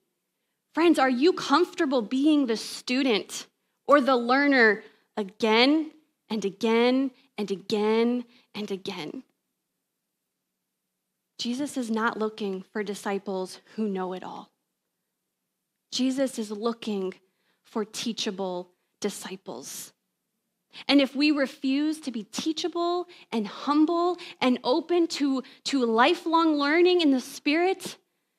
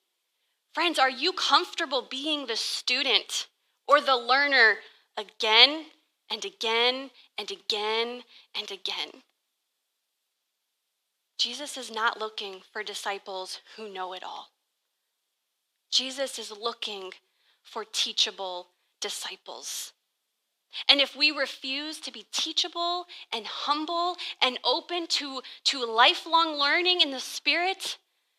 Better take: first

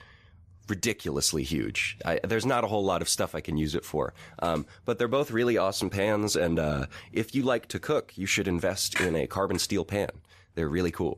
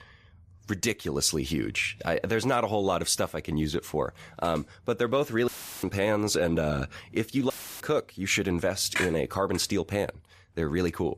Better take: first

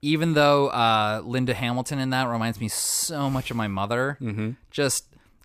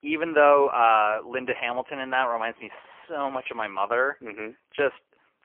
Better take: first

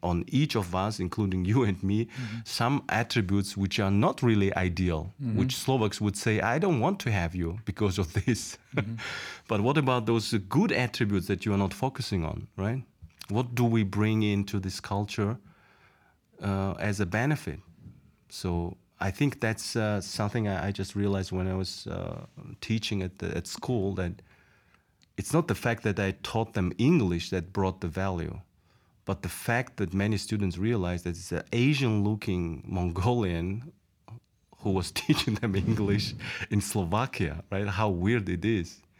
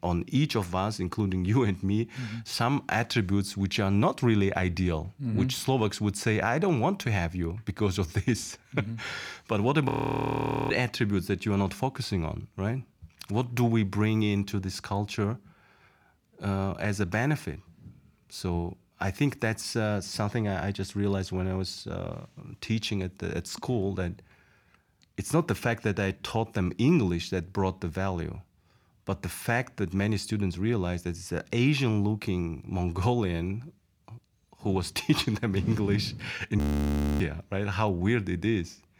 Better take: first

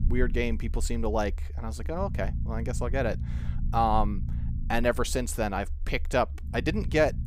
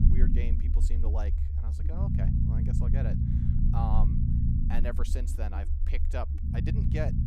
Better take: first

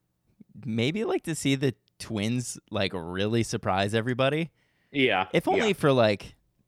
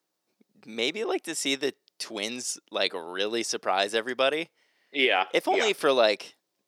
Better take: first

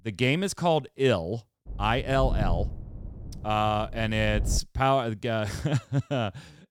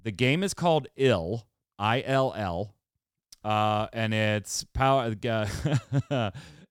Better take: second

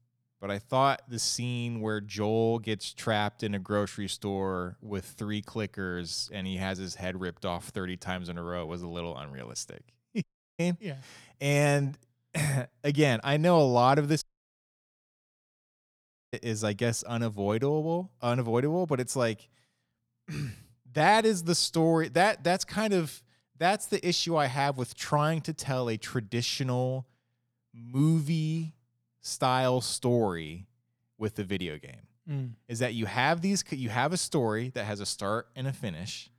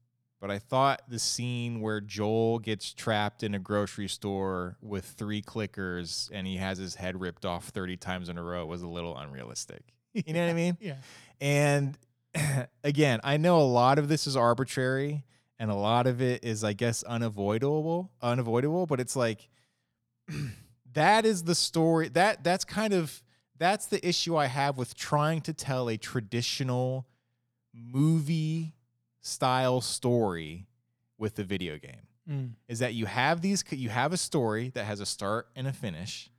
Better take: second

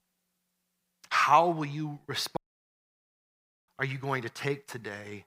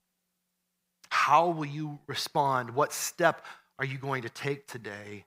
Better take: second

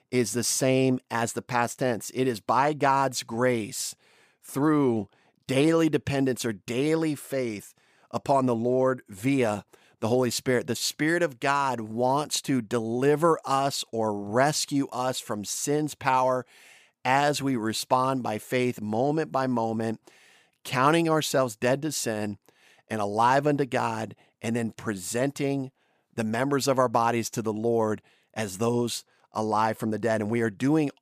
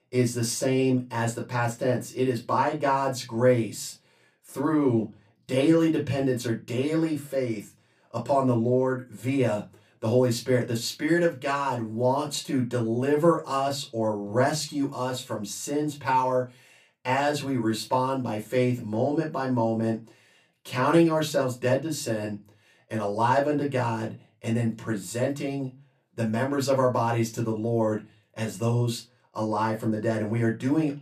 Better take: first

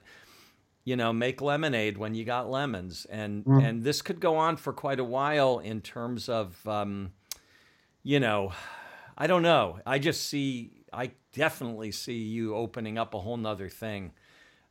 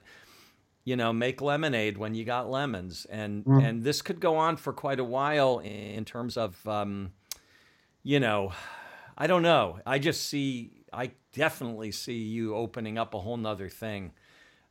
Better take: first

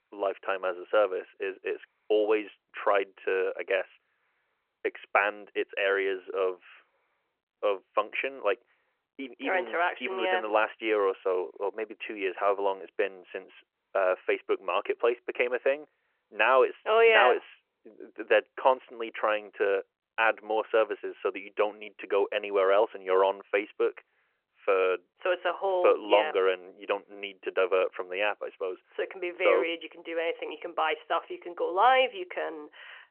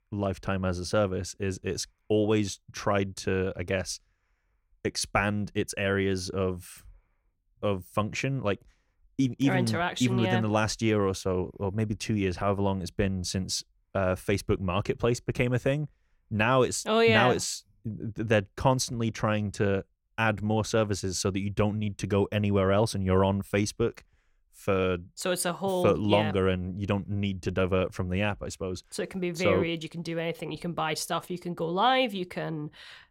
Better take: second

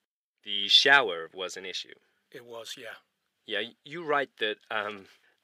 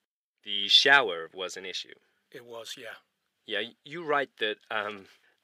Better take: neither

